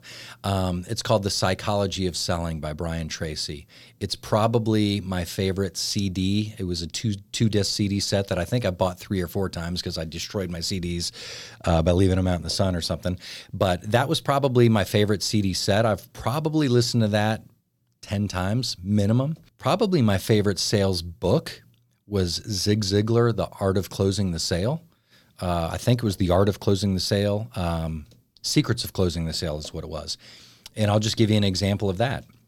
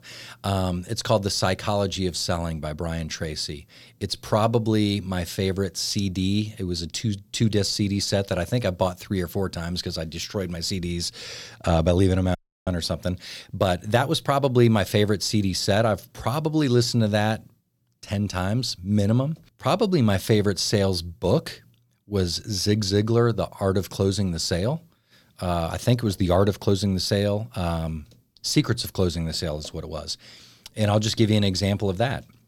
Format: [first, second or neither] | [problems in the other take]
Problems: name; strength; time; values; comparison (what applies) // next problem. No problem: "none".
first | audio cutting out; at 12 s